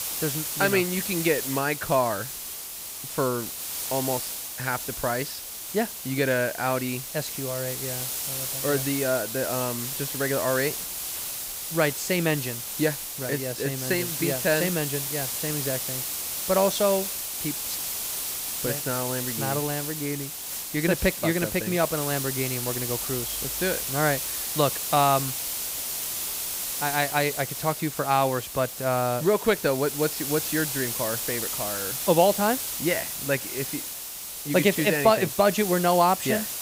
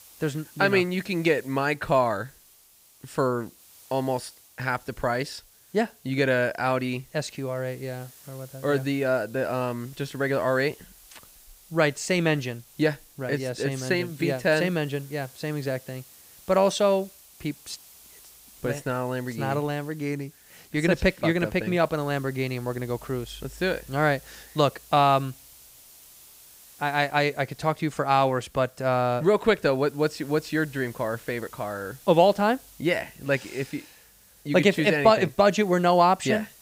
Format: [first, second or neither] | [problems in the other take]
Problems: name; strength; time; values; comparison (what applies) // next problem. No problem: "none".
second | hiss; loud; throughout; 3 dB below the speech; faint in the second